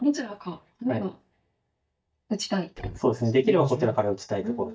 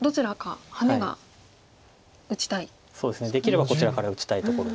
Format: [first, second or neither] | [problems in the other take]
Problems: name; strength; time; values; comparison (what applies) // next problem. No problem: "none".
second | noise reduction (neural mask model DeepFilterNet 3)